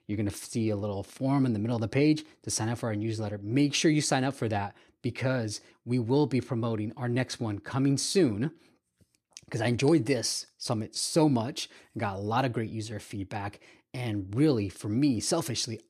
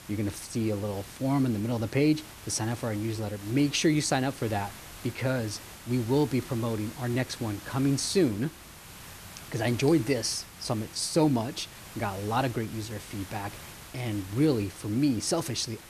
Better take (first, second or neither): first